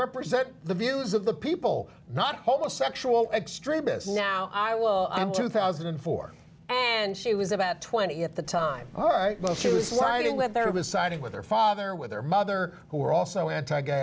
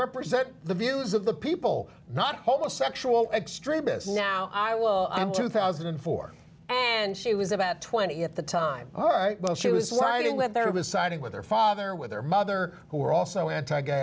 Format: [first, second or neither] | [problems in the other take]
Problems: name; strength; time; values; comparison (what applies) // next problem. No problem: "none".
second | background sound (Respiratory sounds); 18 dB below the speech